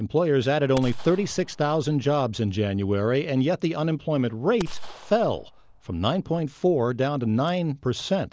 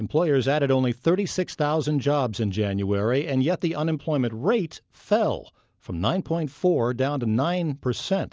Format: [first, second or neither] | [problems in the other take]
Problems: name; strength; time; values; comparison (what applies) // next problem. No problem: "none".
second | background sound (Gunshot, gunfire); 16 dB below the speech